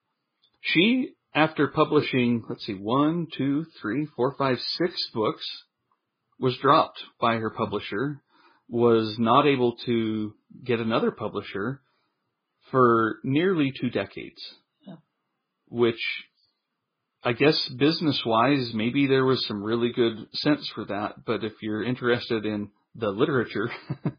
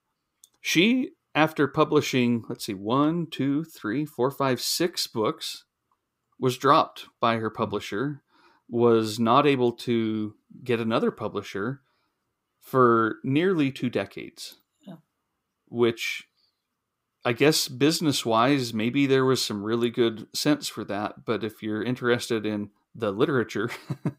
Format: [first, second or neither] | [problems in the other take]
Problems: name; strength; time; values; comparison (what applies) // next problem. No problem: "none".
second | garbled, watery; badly